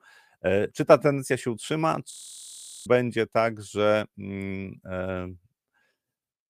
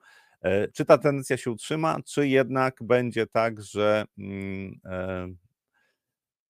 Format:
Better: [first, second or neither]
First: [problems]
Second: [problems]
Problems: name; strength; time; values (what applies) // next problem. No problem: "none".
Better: second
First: audio freezing; at 2 s for 1 s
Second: none